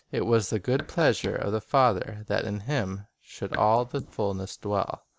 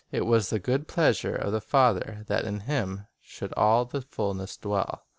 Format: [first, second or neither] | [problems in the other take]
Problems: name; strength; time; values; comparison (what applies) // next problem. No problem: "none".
second | noise reduction (neural mask model Resemble Enhance denoiser)